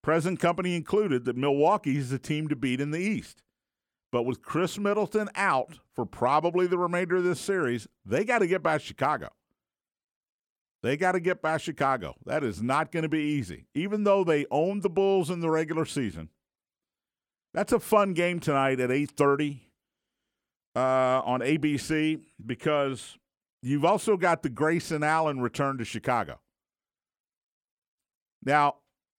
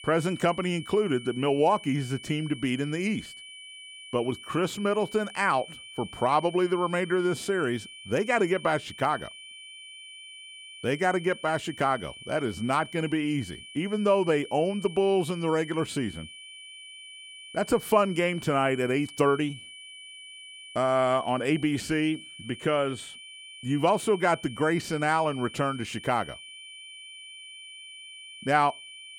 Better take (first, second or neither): first